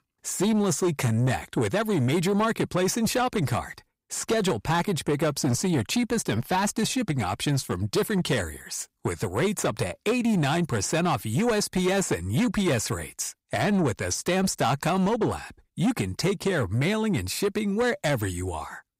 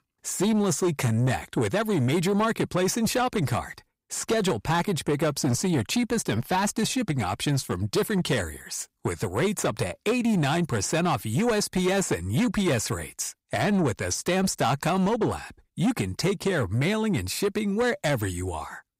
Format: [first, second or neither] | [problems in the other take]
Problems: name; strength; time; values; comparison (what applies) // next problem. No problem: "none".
neither | distortion; slight; 10 dB below the speech; the same in both